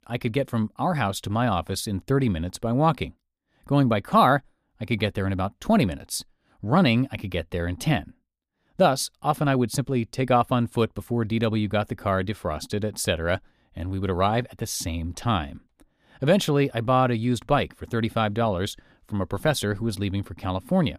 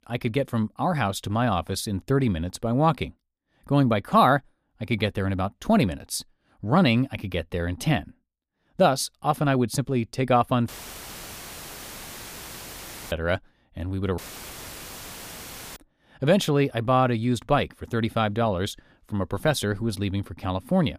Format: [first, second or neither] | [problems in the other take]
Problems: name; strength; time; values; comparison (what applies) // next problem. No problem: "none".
first | audio cutting out; filled with static; at 11 s for 2.5 s and at 14 s for 1.5 s